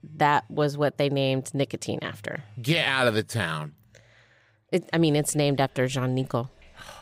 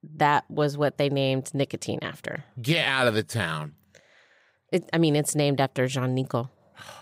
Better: second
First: household noises; faint; throughout; 30 dB below the speech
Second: none

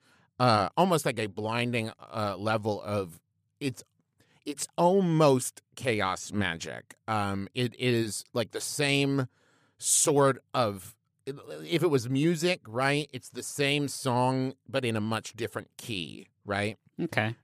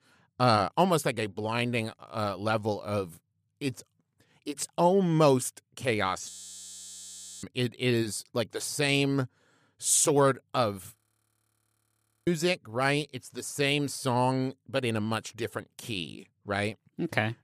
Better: first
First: none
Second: audio freezing; at 6.5 s for 1 s and at 11 s for 1.5 s

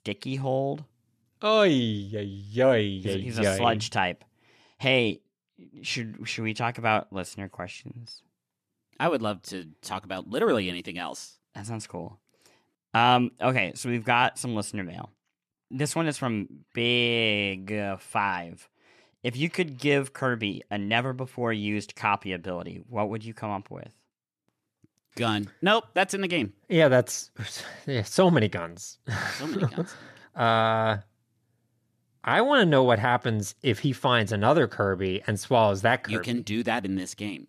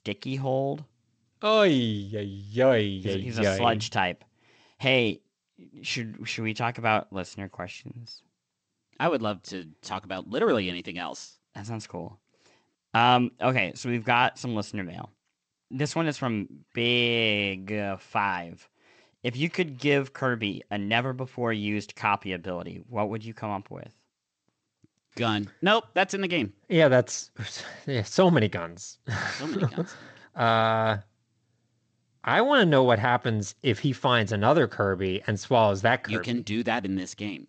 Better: first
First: none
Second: garbled, watery; slightly; nothing above 7.5 kHz

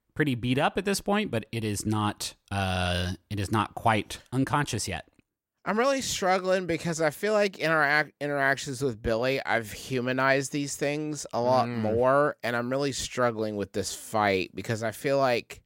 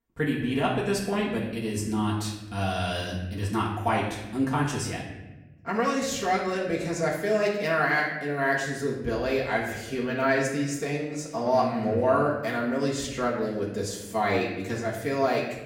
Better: first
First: none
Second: off-mic speech; far // room echo; noticeable; dies away in 1 s

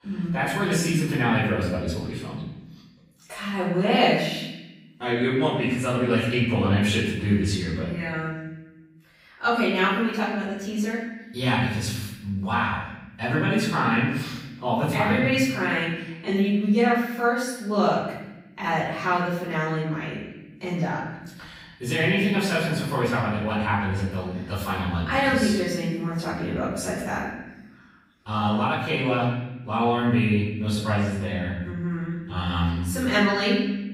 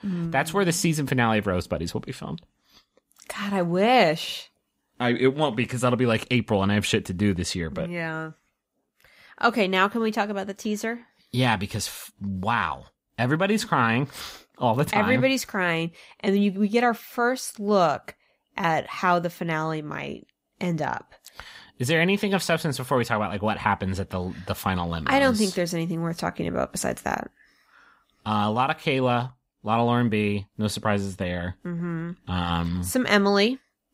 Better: second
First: room echo; noticeable; dies away in 1 s // off-mic speech; far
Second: none

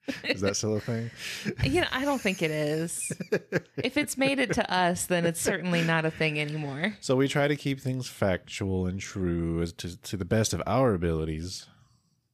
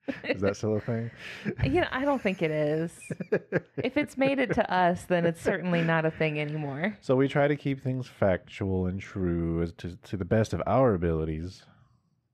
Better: first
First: none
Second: muffled; very; fading above 3.5 kHz

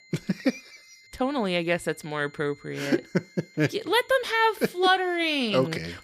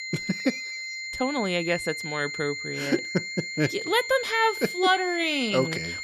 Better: first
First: high-pitched whine; faint; throughout; 2 kHz, 25 dB below the speech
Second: high-pitched whine; loud; throughout; 2 kHz, 6 dB below the speech

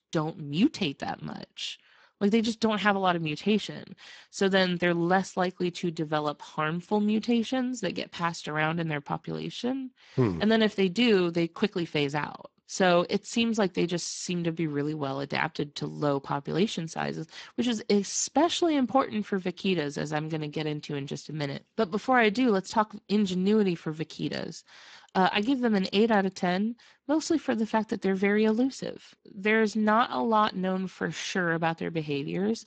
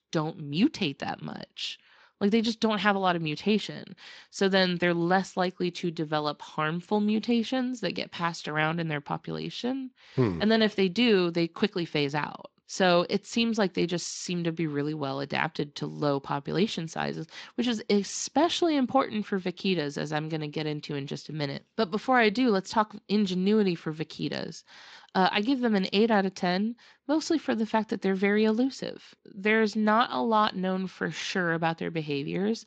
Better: second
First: garbled, watery; badly; nothing above 7.5 kHz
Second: garbled, watery; slightly; nothing above 7.5 kHz

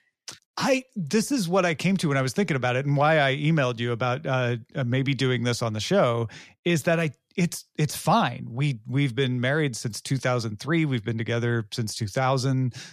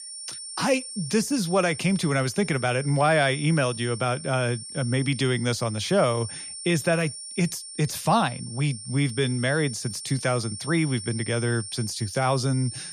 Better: first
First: none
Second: high-pitched whine; noticeable; throughout; 9 kHz, 10 dB below the speech

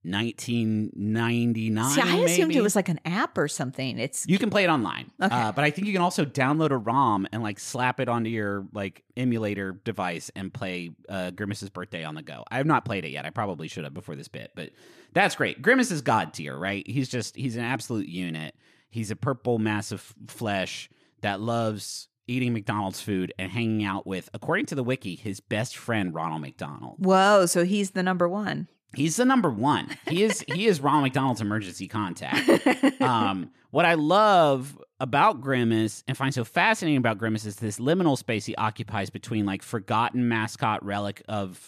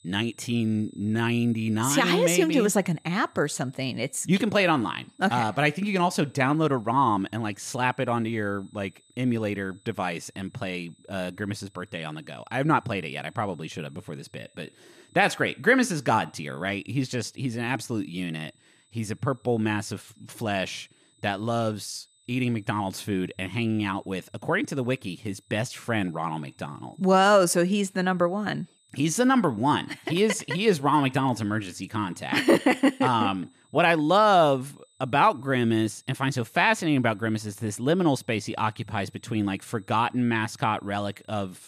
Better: first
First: none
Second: high-pitched whine; faint; throughout; 8 kHz, 35 dB below the speech

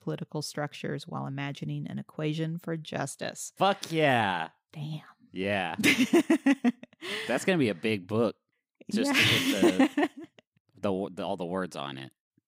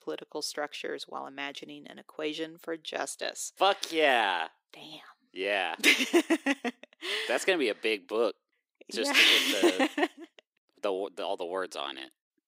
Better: first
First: none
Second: thin; somewhat; fading below 350 Hz

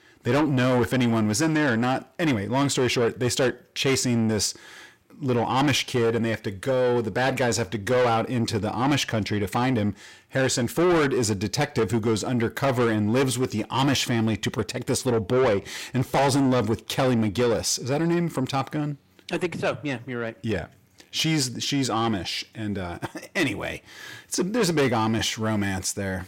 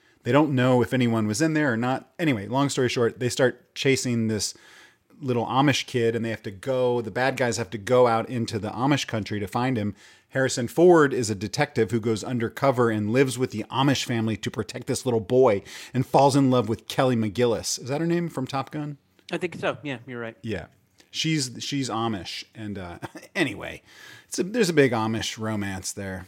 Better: second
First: distortion; heavy; 8 dB below the speech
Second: none

